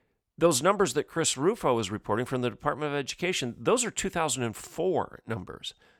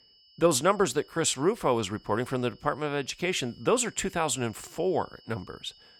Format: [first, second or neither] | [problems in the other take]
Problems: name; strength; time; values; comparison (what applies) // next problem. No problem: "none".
first | high-pitched whine; faint; throughout; 5 kHz, 25 dB below the speech